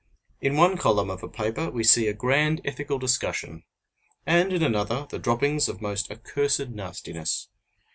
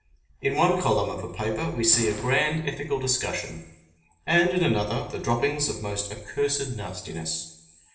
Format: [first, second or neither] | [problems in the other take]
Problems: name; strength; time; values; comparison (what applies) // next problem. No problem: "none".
first | background sound (Gunshot, gunfire); 20 dB below the speech // room echo; dies away in 0.8 s